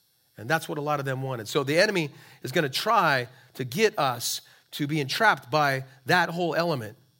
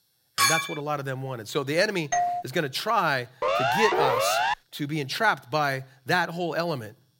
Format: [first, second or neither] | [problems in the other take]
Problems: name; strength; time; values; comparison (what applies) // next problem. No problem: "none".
first | clattering dishes; loud; at 0.5 s; peak 5 dB above the speech // doorbell; loud; at 2 s; peak 1 dB above the speech // siren; loud; from 3.5 to 4.5 s; peak 4 dB above the speech